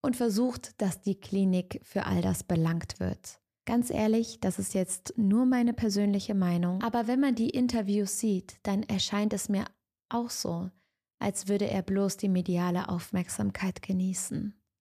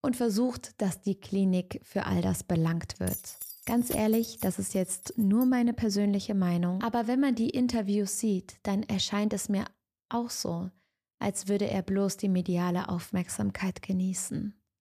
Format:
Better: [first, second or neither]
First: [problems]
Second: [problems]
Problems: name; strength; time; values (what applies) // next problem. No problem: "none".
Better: first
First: none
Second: jangling keys; noticeable; from 3 to 5.5 s; peak 7 dB below the speech